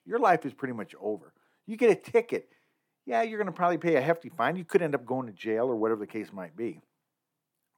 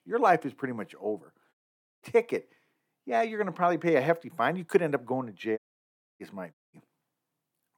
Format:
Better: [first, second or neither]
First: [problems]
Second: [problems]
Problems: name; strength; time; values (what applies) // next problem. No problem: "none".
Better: first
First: none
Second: audio cutting out; at 1.5 s, at 5.5 s for 0.5 s and at 6.5 s